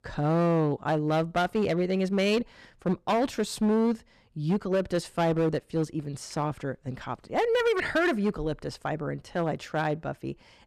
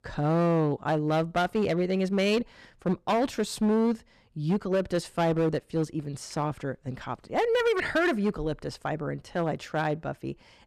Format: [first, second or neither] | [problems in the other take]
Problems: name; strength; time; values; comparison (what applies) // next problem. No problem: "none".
neither | distortion; slight; 8% of the sound clipped; the same in both